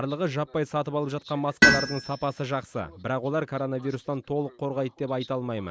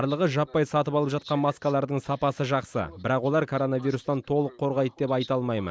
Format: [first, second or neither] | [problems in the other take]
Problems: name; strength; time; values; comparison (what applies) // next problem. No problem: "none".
second | background sound (Tools); 1 dB above the speech